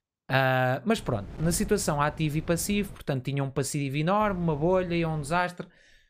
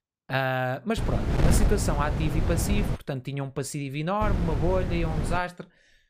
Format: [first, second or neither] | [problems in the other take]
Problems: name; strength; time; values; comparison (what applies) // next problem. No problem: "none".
first | wind noise on the microphone; heavy; from 1 to 3 s and from 4 to 5.5 s; 6 dB below the speech; occasional gusts in the first